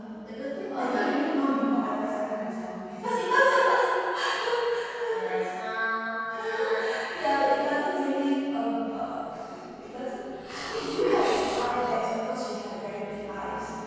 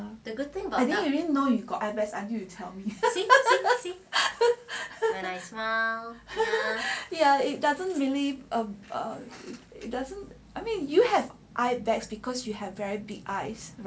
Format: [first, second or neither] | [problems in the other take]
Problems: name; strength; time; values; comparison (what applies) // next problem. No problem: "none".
second | background sound (Hiss); 12 dB below the speech // room echo; dies away in 2.2 s